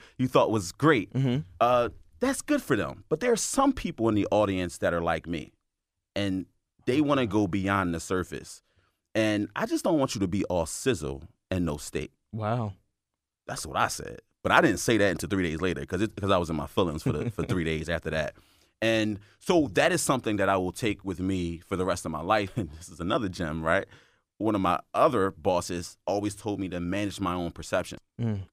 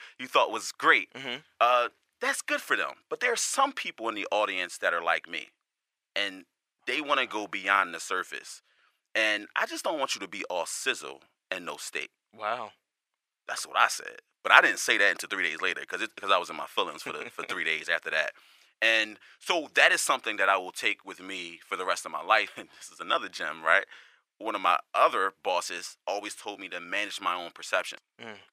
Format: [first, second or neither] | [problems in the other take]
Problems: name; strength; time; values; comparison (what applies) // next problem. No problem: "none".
first | thin; very; fading below 650 Hz